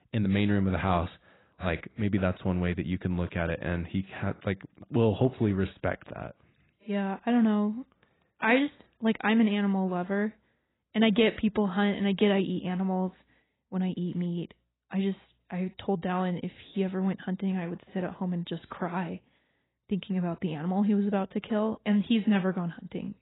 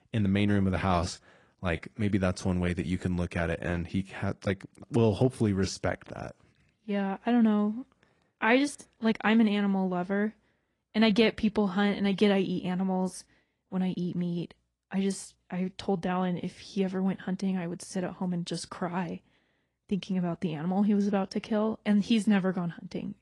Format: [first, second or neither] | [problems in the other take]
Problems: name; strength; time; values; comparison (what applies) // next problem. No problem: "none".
second | garbled, watery; badly; nothing above 4 kHz; slightly in the second